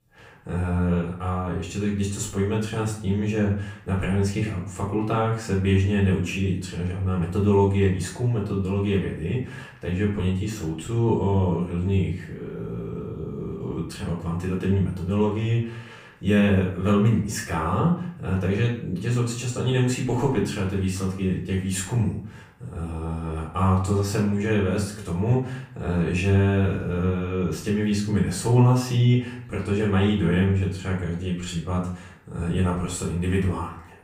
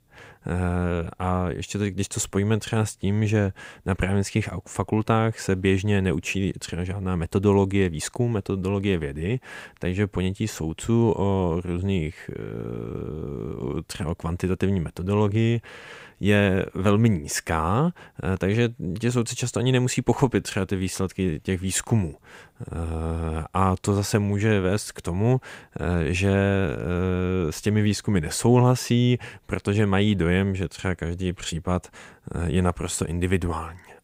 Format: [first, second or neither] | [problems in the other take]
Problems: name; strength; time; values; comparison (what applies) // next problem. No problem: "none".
second | off-mic speech; far // room echo; slight; dies away in 0.5 s